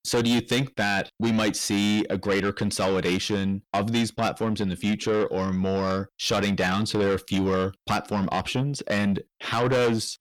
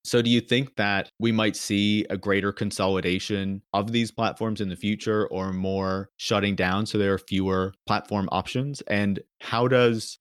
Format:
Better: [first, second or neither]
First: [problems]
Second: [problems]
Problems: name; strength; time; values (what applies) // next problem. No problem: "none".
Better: second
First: distortion; heavy; 7 dB below the speech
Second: none